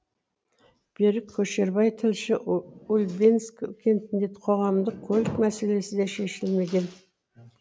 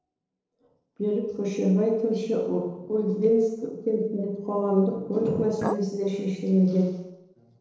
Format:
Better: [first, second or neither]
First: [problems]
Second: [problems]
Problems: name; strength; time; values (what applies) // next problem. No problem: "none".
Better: first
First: none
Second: noise reduction (neural separator model SepFormer DNS4)